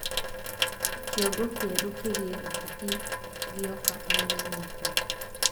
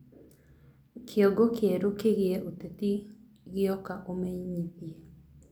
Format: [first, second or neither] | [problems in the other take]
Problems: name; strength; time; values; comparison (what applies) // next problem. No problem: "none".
second | background sound (Sink (filling or washing) / Water tap, faucet); 5 dB above the speech